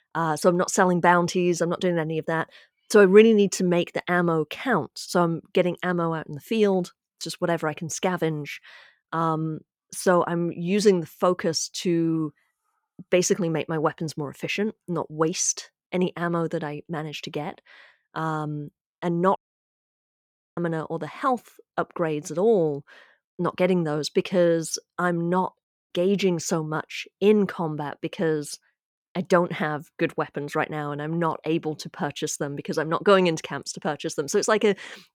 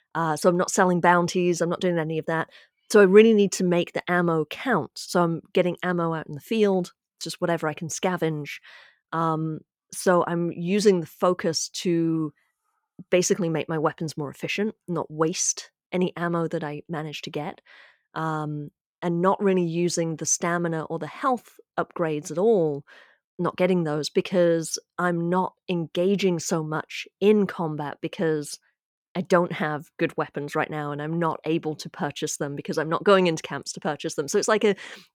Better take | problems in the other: second | audio cutting out; at 19 s for 1 s and at 26 s

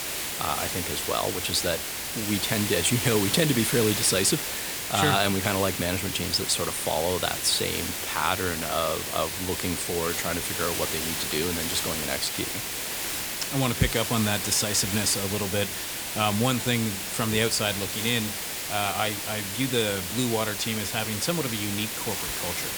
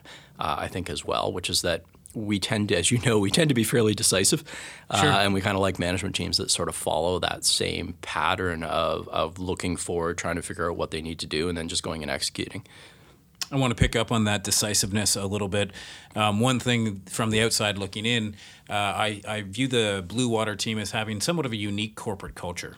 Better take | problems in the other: second | hiss; loud; throughout; 2 dB below the speech

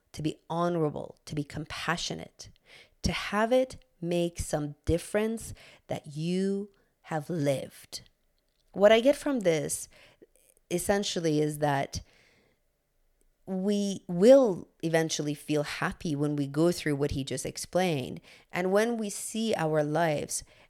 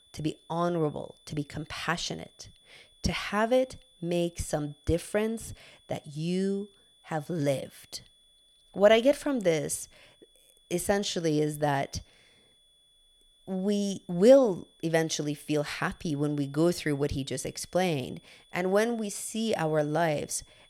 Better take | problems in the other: first | high-pitched whine; faint; throughout; 3.5 kHz, 30 dB below the speech

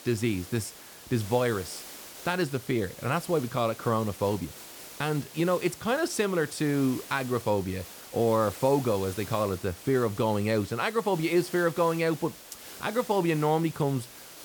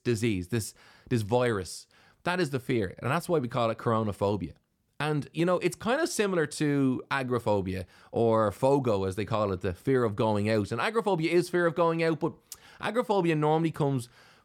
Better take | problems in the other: second | hiss; noticeable; throughout; 15 dB below the speech

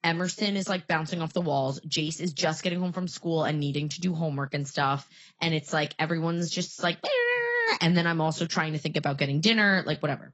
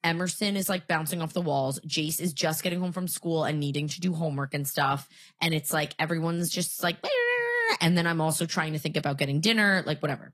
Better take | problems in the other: second | garbled, watery; badly; nothing above 8 kHz; slightly in the second

